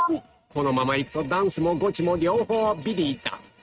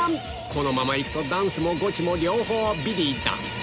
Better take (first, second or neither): second